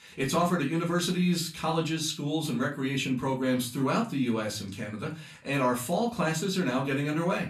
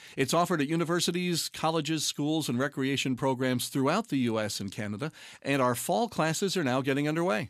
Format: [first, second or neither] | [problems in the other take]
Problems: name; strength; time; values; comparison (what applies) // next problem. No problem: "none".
second | off-mic speech; far // room echo; very slight; dies away in 0.3 s